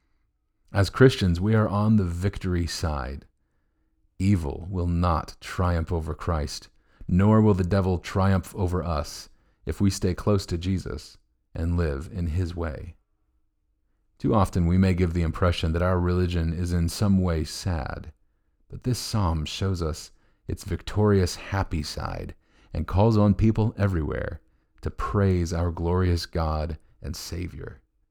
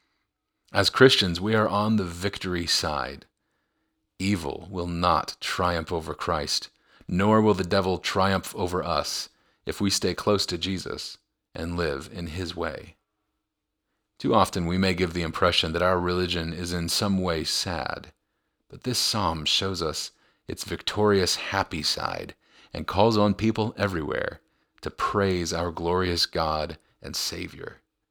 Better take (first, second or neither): first